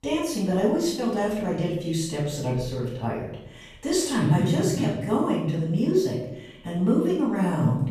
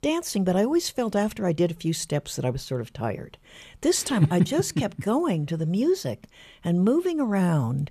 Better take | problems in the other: second | off-mic speech; far // room echo; noticeable; dies away in 0.7 s

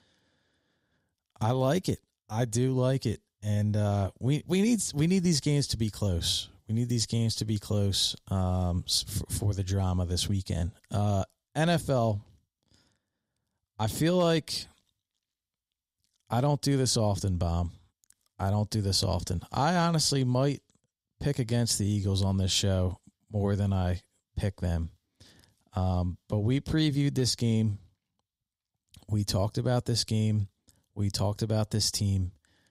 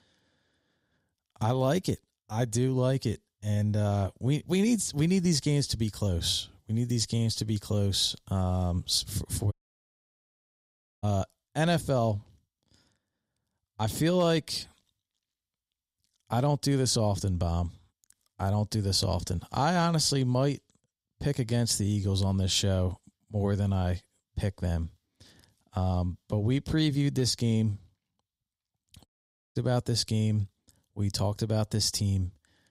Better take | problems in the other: first | audio cutting out; at 9.5 s for 1.5 s and at 29 s

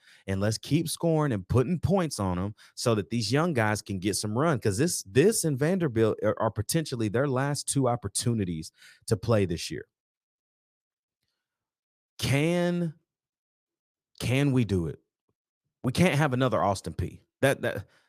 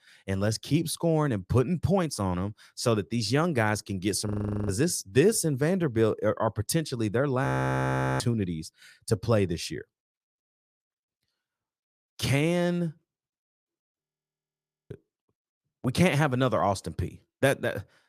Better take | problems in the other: first | audio freezing; at 4.5 s, at 7.5 s for 0.5 s and at 14 s for 1 s

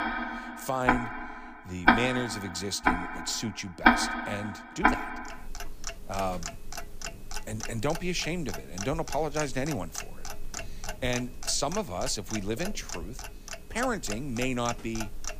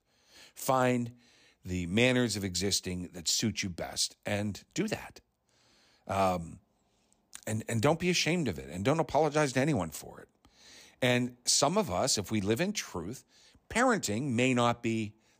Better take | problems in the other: second | household noises; very loud; throughout; as loud as the speech

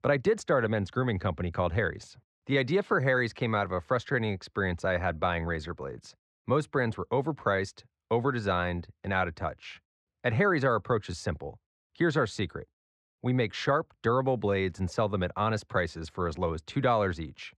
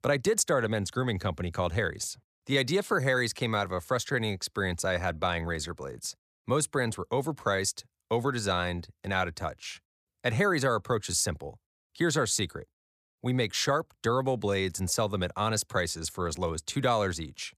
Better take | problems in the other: second | muffled; slightly; fading above 2.5 kHz

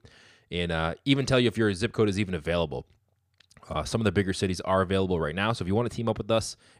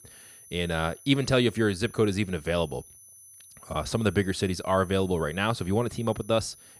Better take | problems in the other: first | high-pitched whine; faint; throughout; 10 kHz, 20 dB below the speech

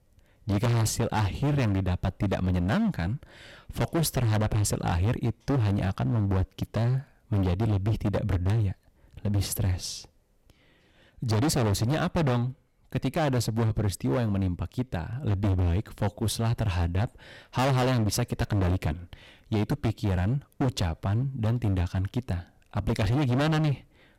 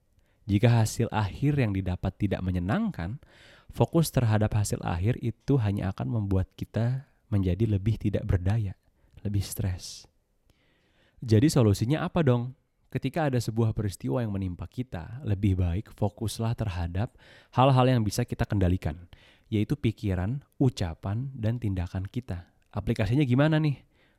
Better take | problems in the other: second | distortion; heavy; 21% of the sound clipped

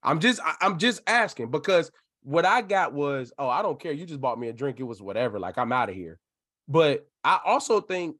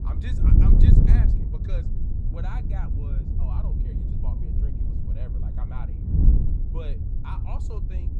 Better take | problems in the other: first | wind noise on the microphone; heavy; 5 dB above the speech

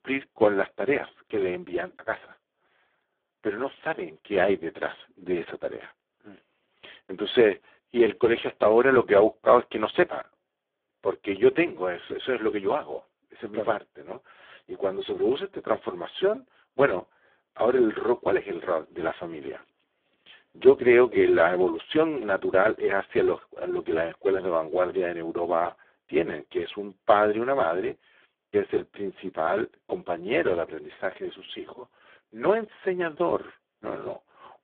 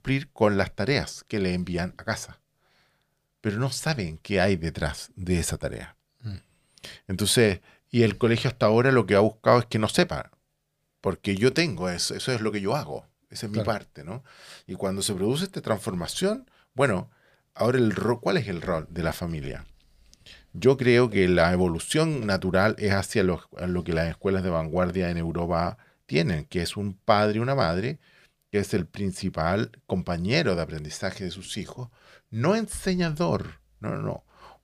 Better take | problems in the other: second | phone-call audio; poor line; nothing above 3.5 kHz

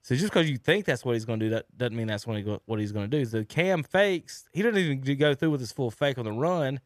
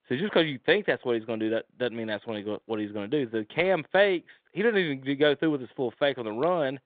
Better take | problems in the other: first | phone-call audio; nothing above 3.5 kHz

